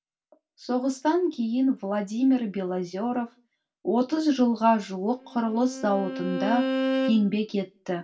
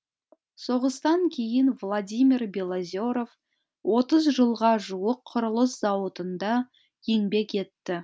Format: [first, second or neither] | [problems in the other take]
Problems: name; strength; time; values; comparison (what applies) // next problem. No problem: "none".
second | background sound (Bowed string instrument); 5 dB below the speech // room echo; dies away in 0.2 s